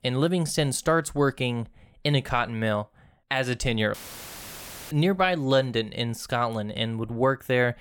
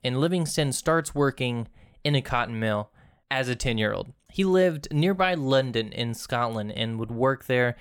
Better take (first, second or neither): second